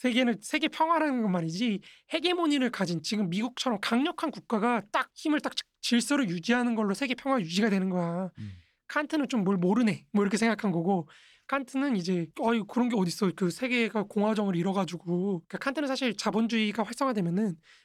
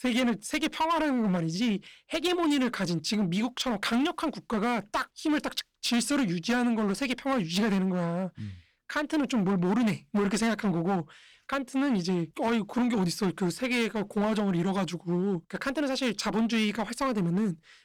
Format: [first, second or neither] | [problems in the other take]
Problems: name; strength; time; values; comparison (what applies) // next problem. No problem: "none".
first | distortion; slight; 12% of the sound clipped